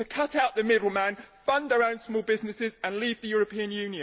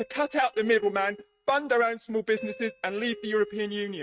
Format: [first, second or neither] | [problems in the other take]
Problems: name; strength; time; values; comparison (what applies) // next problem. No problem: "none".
first | noise reduction (neural mask model RNNoise)